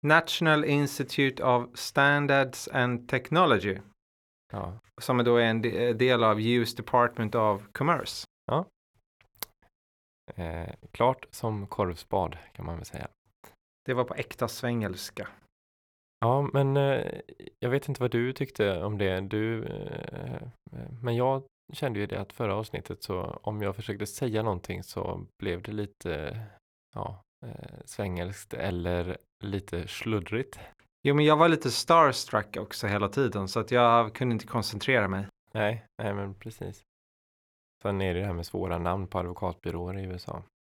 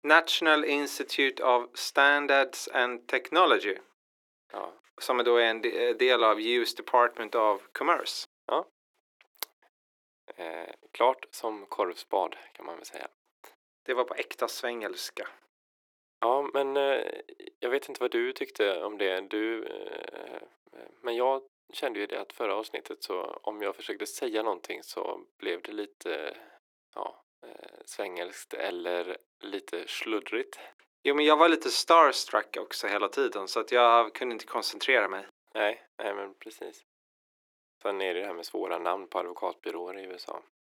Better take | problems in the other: first | thin; very; fading below 300 Hz

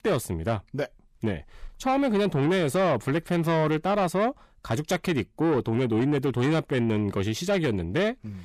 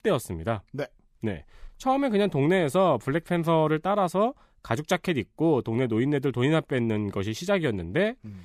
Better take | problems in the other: second | distortion; slight; 10 dB below the speech

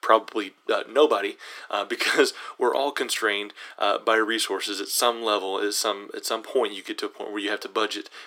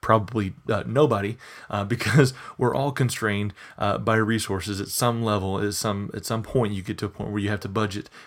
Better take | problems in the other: second | thin; very; fading below 300 Hz

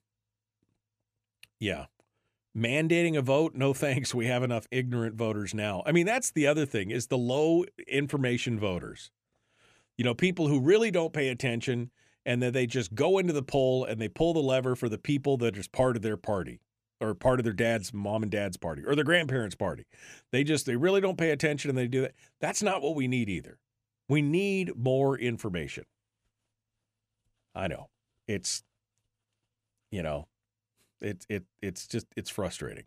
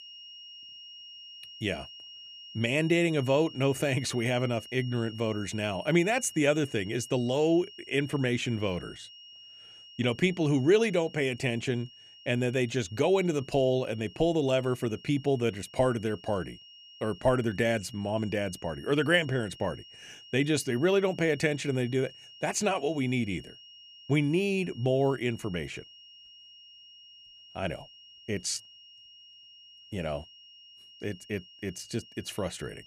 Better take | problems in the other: first | high-pitched whine; noticeable; throughout; 3 kHz, 20 dB below the speech

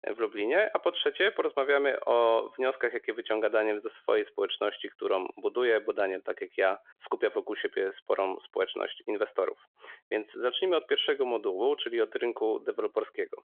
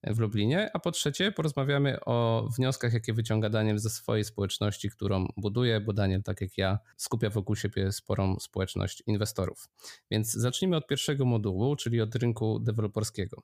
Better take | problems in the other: second | phone-call audio; nothing above 3.5 kHz

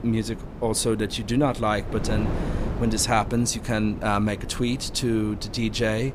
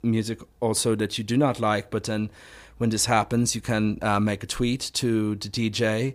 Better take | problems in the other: second | wind noise on the microphone; occasional gusts; 15 dB below the speech

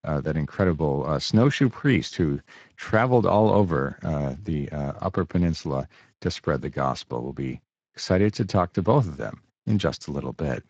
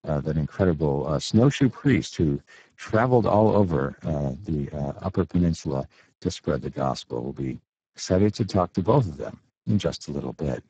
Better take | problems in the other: first | garbled, watery; badly; nothing above 7.5 kHz; slightly in the first

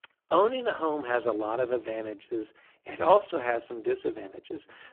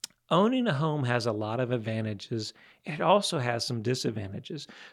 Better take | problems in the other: second | phone-call audio; poor line

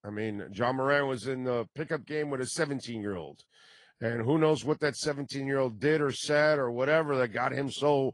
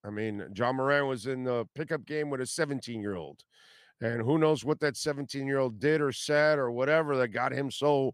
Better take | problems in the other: second | garbled, watery; slightly

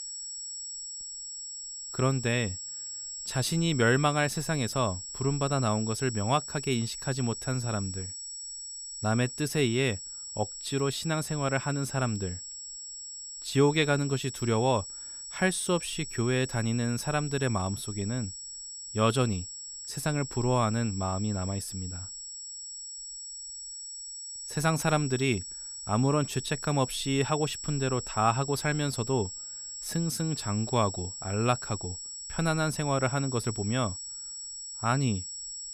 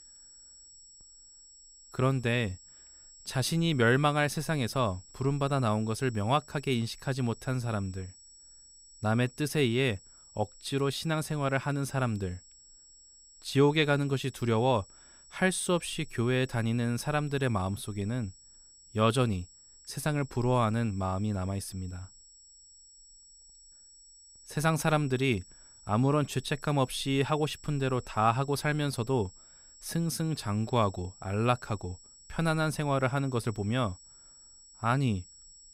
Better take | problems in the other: second | high-pitched whine; loud; throughout; 8 kHz, 8 dB below the speech; faint in the second

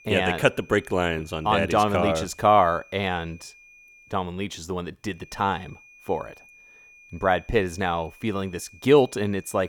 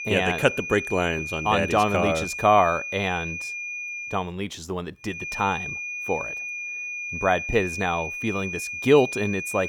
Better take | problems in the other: first | high-pitched whine; loud; until 4 s and from 5 s on; 2.5 kHz, 6 dB below the speech; faint in the first

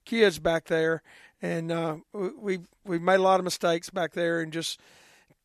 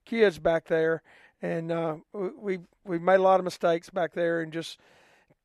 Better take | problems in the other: first | muffled; slightly; fading above 3.5 kHz

